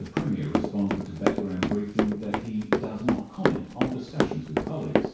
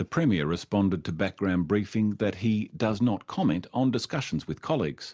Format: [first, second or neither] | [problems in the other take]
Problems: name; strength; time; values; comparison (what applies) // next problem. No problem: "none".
second | background sound (Run); 2 dB above the speech // room echo; dies away in 0.6 s